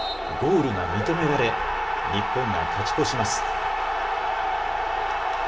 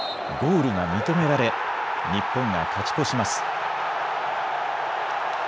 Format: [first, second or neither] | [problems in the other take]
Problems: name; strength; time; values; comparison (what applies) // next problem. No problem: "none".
second | background sound (Purr); 18 dB below the speech // room echo; dies away in 0.7 s